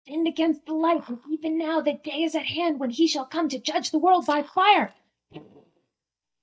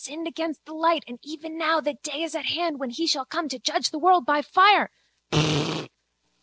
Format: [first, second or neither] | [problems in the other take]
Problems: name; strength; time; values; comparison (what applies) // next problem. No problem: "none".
second | noise reduction (neural mask model DeepFilterNet 3)